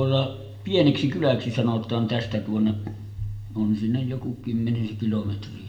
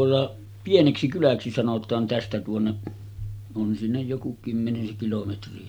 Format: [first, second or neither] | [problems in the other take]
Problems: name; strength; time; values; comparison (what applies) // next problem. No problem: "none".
second | room echo; dies away in 0.7 s